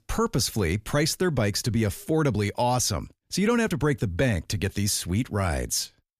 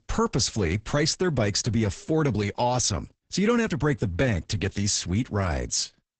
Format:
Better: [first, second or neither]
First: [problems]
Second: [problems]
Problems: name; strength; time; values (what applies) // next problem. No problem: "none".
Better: first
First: none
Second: garbled, watery; badly; nothing above 8 kHz